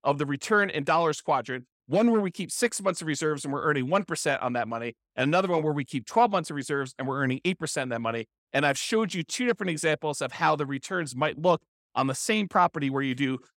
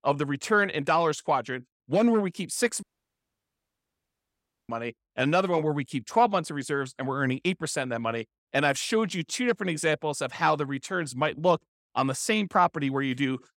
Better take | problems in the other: first | audio cutting out; at 3 s for 2 s

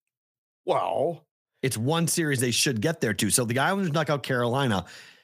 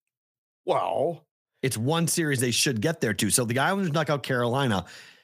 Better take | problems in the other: neither | none

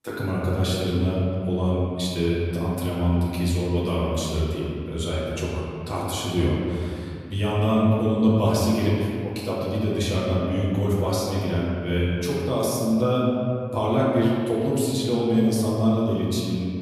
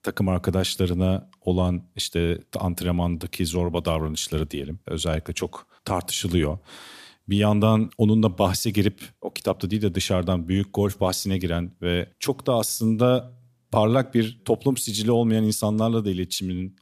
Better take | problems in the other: second | room echo; strong; dies away in 2.3 s // off-mic speech; far

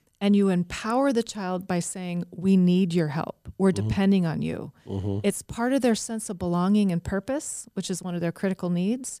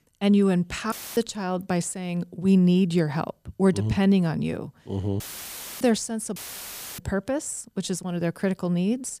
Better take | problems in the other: first | audio cutting out; filled with static; at 1 s, at 5 s for 0.5 s and at 6.5 s for 0.5 s

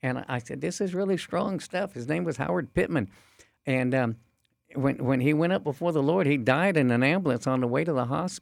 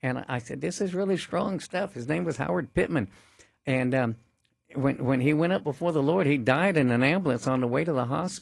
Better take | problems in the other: first | garbled, watery; slightly

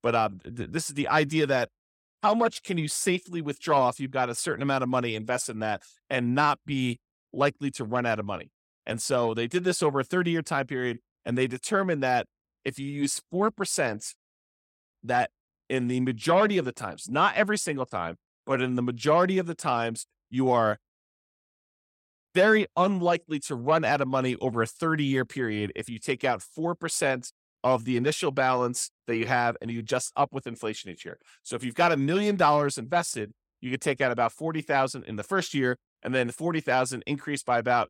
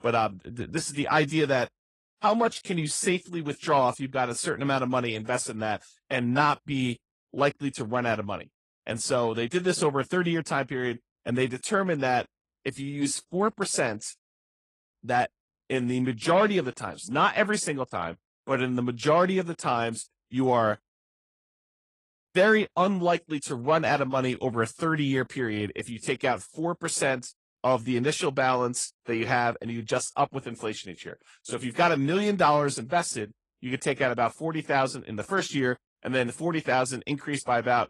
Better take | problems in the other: first | garbled, watery; slightly

